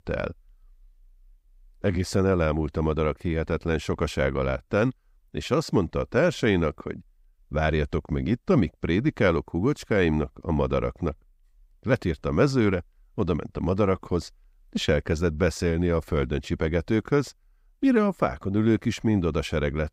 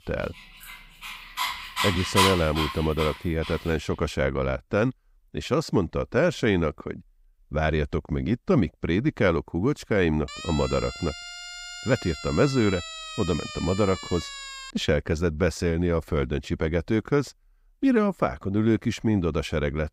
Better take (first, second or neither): first